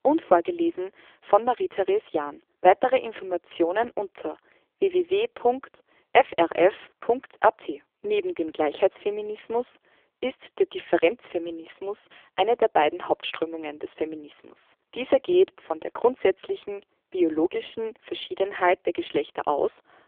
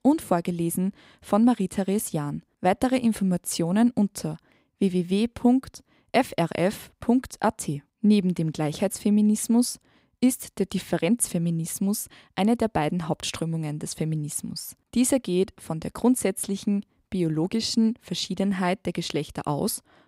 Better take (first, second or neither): second